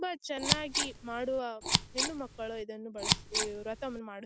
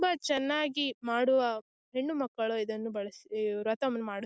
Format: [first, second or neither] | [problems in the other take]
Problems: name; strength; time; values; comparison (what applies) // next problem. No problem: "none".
second | background sound (Scissors); 4 dB above the speech